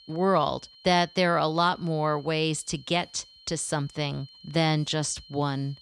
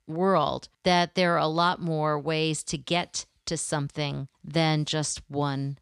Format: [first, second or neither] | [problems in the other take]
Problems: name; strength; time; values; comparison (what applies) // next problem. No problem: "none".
second | high-pitched whine; faint; throughout; 4 kHz, 25 dB below the speech